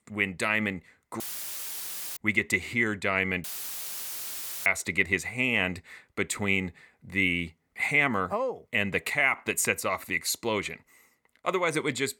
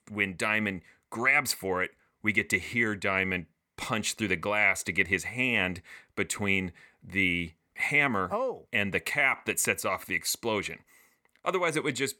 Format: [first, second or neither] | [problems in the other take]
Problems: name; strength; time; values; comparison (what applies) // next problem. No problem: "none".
second | audio cutting out; filled with static; at 1 s for 1 s and at 3.5 s for 1 s